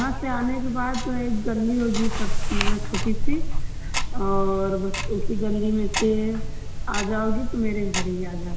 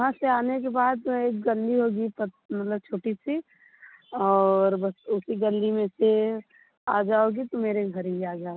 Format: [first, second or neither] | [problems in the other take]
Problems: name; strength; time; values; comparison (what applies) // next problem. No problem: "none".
second | background sound (Tick-tock); 3 dB above the speech // room echo; dies away in 1.4 s